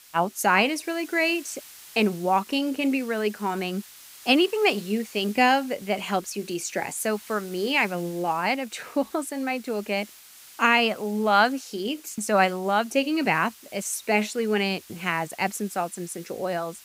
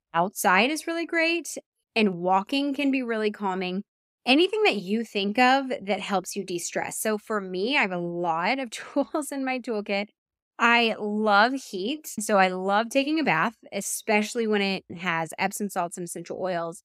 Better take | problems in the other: second | hiss; faint; throughout; 20 dB below the speech

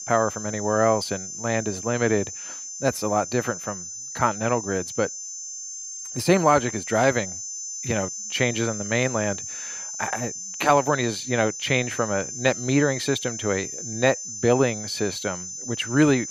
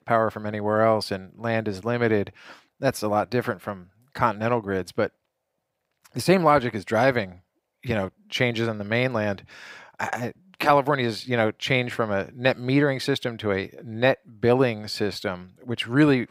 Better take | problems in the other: second | high-pitched whine; loud; throughout; 6 kHz, 8 dB below the speech

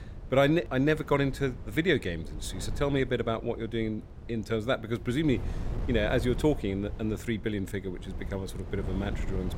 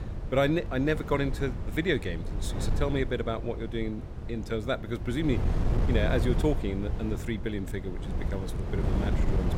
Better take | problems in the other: first | wind noise on the microphone; heavy; 9 dB below the speech; occasional gusts in the first

